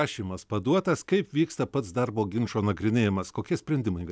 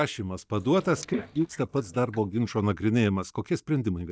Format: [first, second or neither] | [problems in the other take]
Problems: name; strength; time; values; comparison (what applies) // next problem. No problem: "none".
first | noise reduction (neural mask model DeepFilterNet 3)